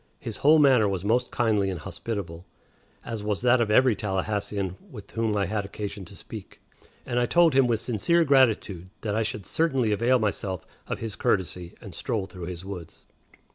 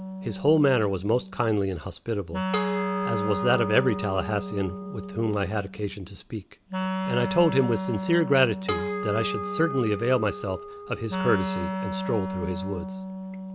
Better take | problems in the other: first | background sound (Harp + Wind instrument, woodwind instrument); 5 dB below the speech

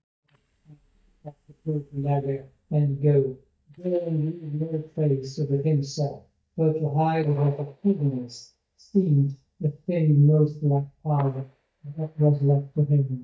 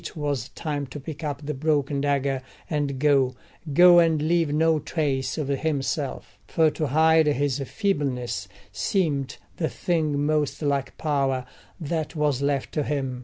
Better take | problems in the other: second | noise reduction (neural mask model DeepFilterNet 3)

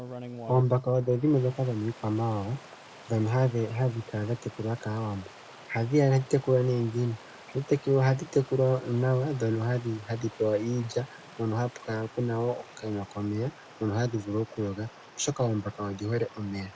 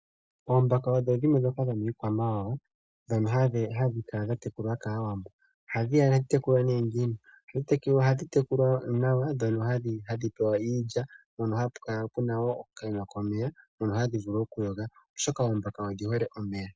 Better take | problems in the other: second | background sound (Stream); 19 dB below the speech

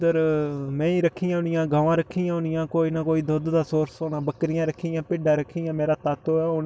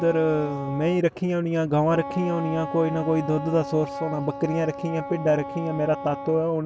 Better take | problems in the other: first | background sound (Wind instrument, woodwind instrument); 10 dB below the speech

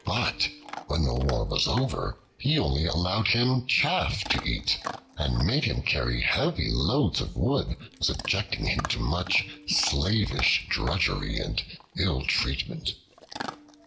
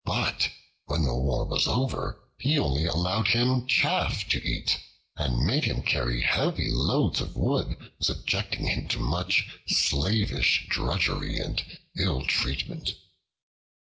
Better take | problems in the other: second | background sound (Chewing, mastication / Dog); 16 dB below the speech

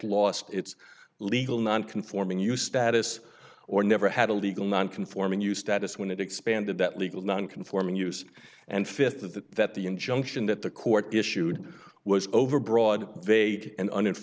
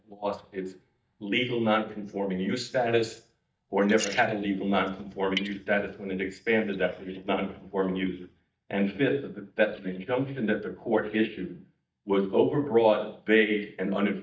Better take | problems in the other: first | noise reduction (neural mask model DeepFilterNet 3)

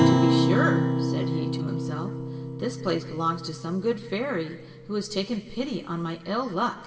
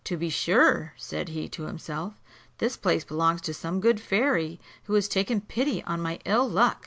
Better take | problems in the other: second | background sound (Acoustic guitar); 2 dB above the speech // room echo; dies away in 2.4 s

